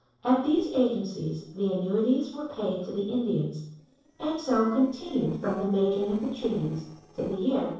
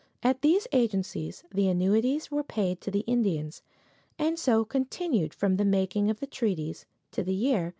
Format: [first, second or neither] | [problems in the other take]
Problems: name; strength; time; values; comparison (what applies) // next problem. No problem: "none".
second | noise reduction (neural separator model SepFormer DNS4)